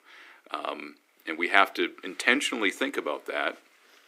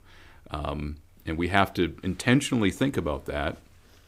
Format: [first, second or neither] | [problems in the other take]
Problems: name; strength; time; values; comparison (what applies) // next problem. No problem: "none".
second | thin; somewhat; fading below 300 Hz